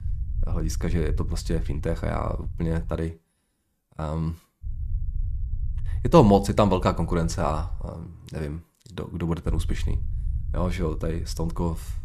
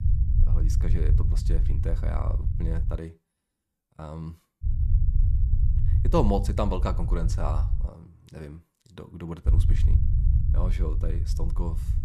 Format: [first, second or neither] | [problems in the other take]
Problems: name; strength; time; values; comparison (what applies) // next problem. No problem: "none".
first | low rumble; loud; until 3 s, from 4.5 to 8 s and from 9.5 s on; 9 dB below the speech; faint in the first